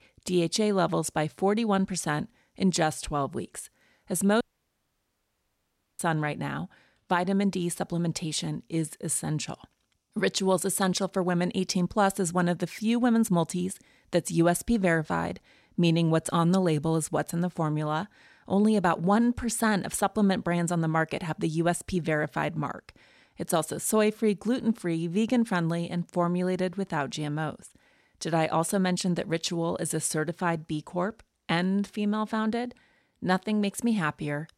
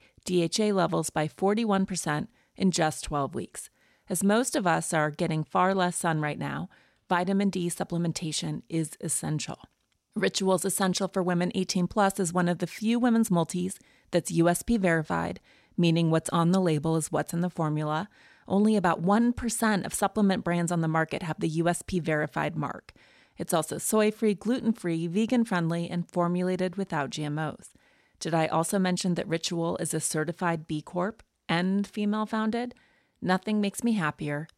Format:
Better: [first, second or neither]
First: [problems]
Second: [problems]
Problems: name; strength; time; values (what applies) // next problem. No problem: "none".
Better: second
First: audio cutting out; at 4.5 s for 1.5 s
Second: none